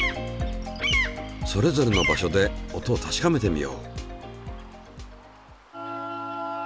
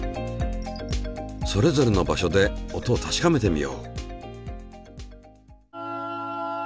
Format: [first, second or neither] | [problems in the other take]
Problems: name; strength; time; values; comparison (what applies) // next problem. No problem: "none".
second | background sound (Bird vocalization, bird call, bird song); 7 dB below the speech